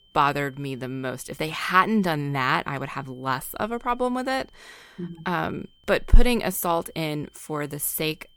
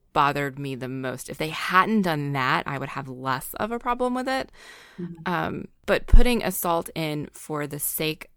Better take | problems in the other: second | high-pitched whine; faint; throughout; 3 kHz, 35 dB below the speech

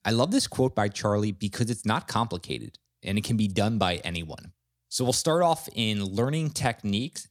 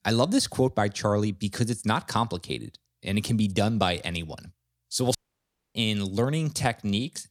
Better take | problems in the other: first | audio cutting out; at 5 s for 0.5 s

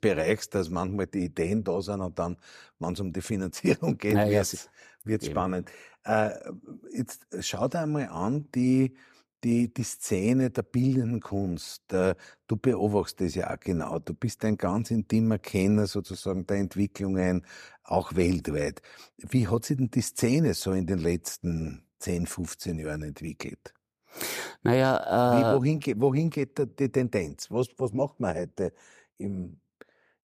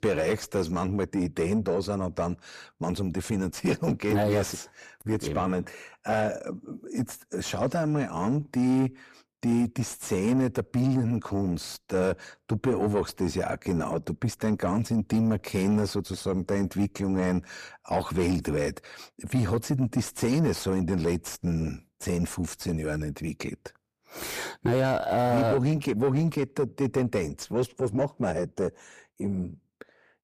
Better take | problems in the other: first | distortion; slight; 10 dB below the speech

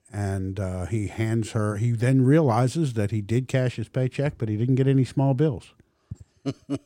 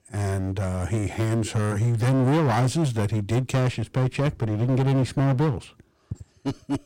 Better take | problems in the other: first | distortion; heavy; 20% of the sound clipped

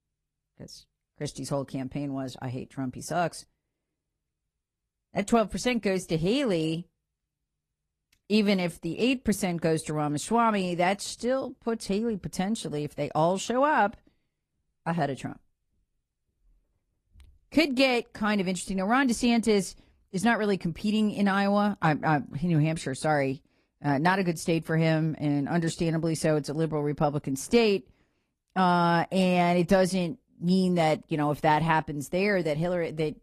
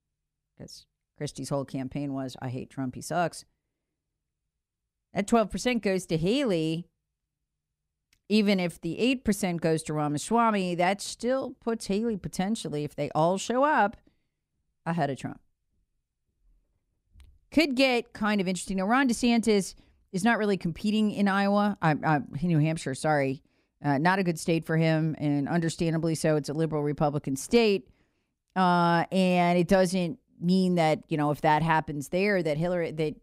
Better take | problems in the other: second | garbled, watery; slightly; nothing above 12 kHz

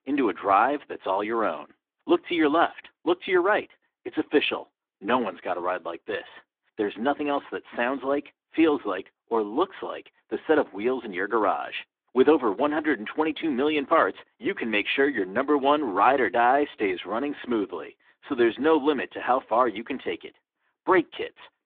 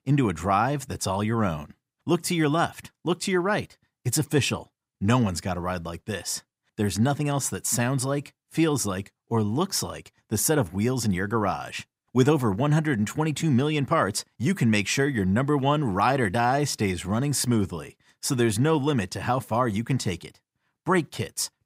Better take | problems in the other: second | phone-call audio; nothing above 3.5 kHz

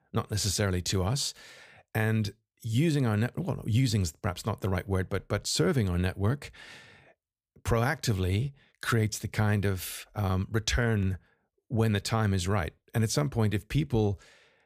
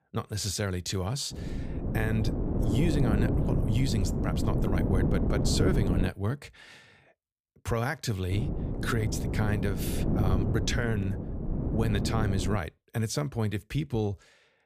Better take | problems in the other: first | wind noise on the microphone; heavy; from 1.5 to 6 s and from 8.5 to 13 s; 3 dB below the speech

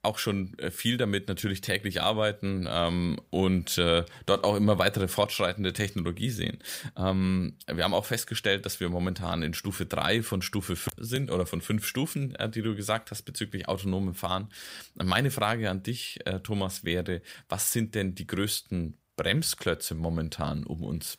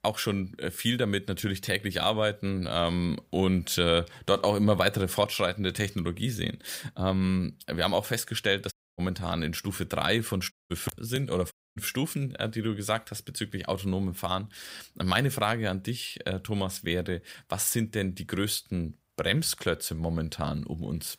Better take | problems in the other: first | audio cutting out; at 8.5 s, at 11 s and at 12 s

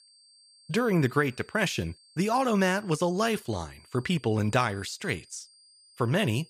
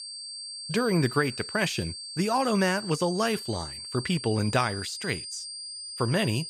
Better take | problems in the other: first | high-pitched whine; loud; throughout; 4.5 kHz, 8 dB below the speech; faint in the first

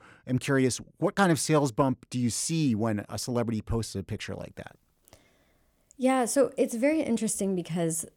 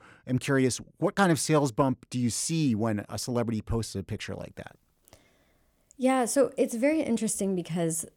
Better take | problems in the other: neither | none

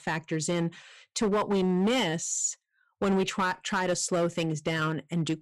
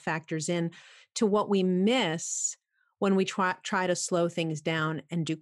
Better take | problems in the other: second | distortion; slight; 9% of the sound clipped

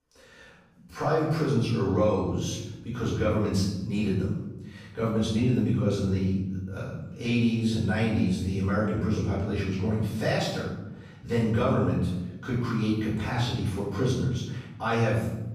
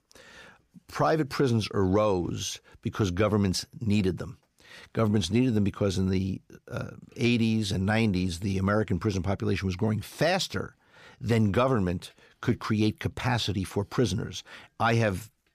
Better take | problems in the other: second | off-mic speech; far // room echo; noticeable; dies away in 1.1 s

